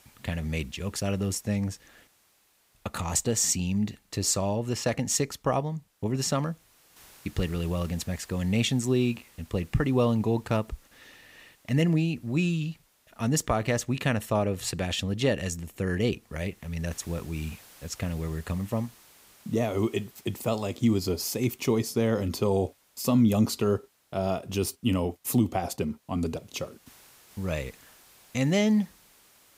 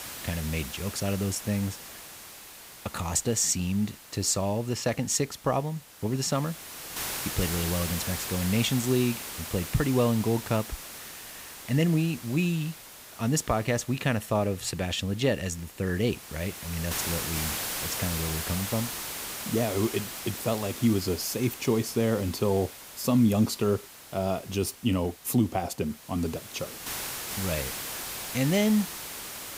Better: first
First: hiss; faint; throughout; 25 dB below the speech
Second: hiss; loud; throughout; 7 dB below the speech

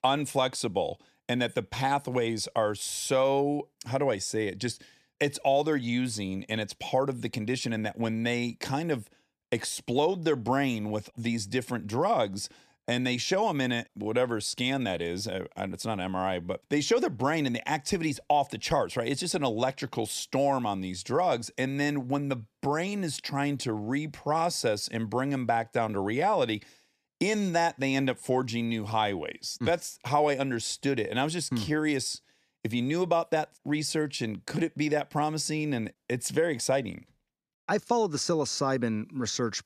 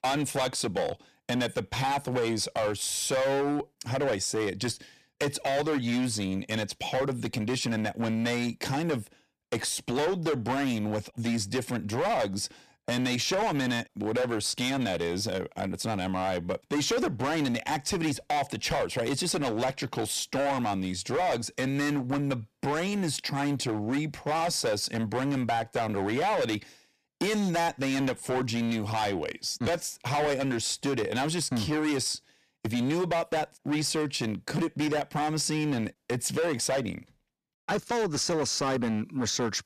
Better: first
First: none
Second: distortion; heavy; 16% of the sound clipped

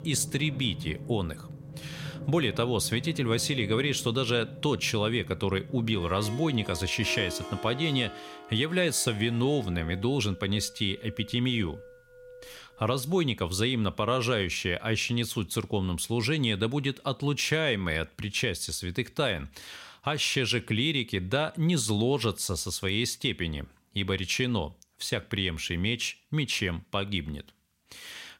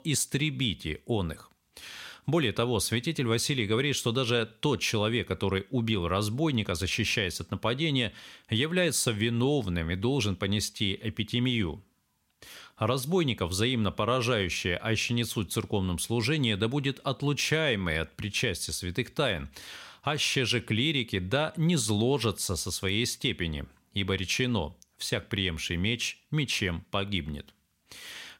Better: second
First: background music; noticeable; until 13 s; 15 dB below the speech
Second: none

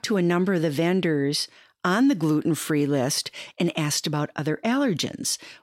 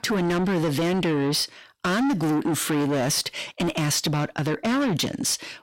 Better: first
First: none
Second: distortion; heavy; 7 dB below the speech

